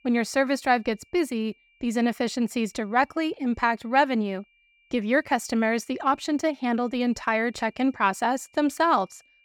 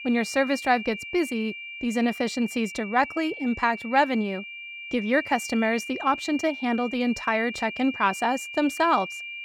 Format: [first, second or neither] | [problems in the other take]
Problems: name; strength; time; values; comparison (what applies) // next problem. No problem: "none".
first | high-pitched whine; loud; throughout; 2.5 kHz, 10 dB below the speech; faint in the first